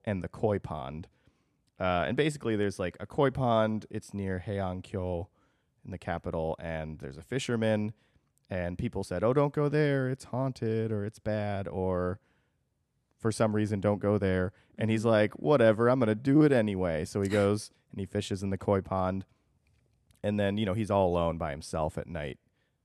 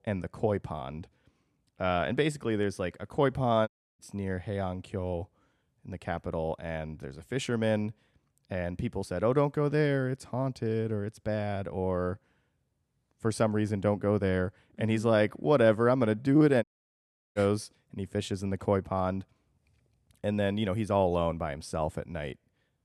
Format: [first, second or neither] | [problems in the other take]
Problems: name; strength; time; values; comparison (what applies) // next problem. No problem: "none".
first | audio cutting out; at 3.5 s and at 17 s for 0.5 s